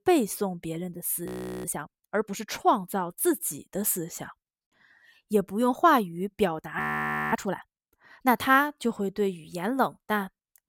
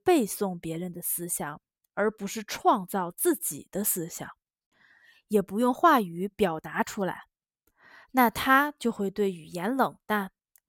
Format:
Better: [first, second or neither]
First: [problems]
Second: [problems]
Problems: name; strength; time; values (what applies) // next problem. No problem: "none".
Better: second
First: audio freezing; at 1.5 s and at 7 s for 0.5 s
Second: none